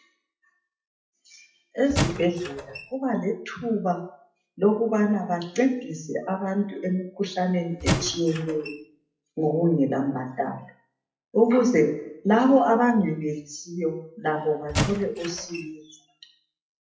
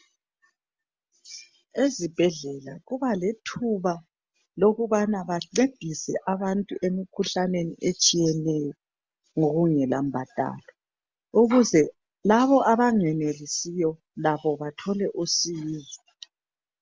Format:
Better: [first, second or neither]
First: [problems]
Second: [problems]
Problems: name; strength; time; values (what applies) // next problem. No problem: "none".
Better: second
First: noise reduction (classical method WPE with log-MMSE)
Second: none